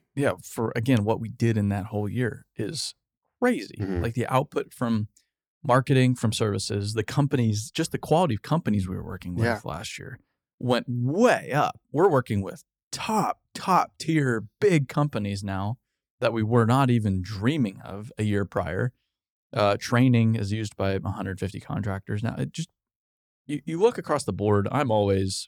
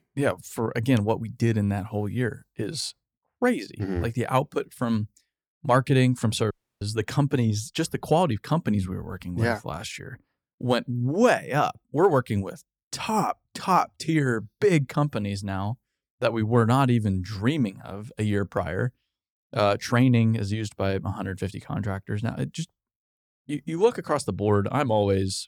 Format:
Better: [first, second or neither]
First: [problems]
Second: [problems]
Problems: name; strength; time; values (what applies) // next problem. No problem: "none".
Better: first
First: none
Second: audio cutting out; at 6.5 s